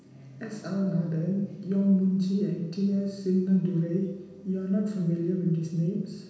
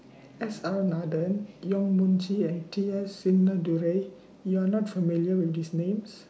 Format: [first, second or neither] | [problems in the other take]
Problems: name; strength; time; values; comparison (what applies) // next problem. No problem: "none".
second | room echo; dies away in 1.1 s